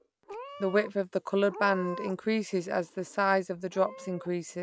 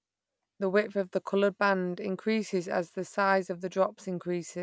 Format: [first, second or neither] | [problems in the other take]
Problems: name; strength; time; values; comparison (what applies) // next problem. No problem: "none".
second | background sound (Meow / Purr); 15 dB below the speech